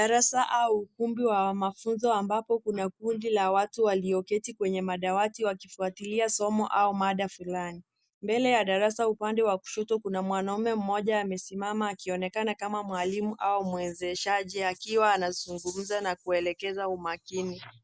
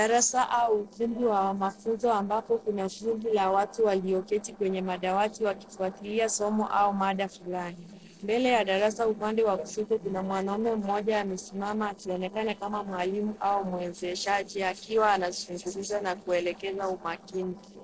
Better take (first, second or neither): first